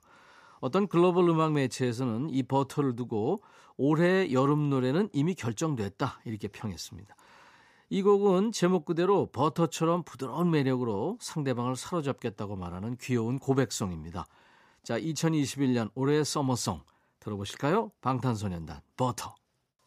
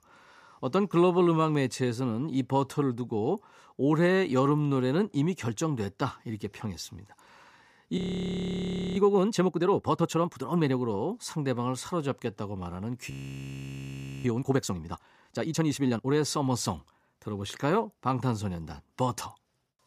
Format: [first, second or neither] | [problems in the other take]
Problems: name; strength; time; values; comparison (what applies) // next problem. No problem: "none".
first | audio freezing; at 8 s for 1 s and at 13 s for 1 s